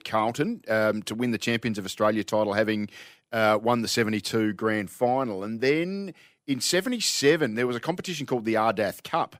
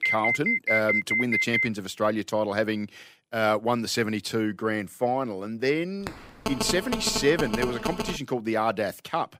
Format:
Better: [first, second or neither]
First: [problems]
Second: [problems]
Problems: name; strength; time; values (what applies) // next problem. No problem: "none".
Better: first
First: none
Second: alarm; loud; until 1.5 s; peak 4 dB above the speech // phone ringing; noticeable; from 6 to 8 s; peak 3 dB below the speech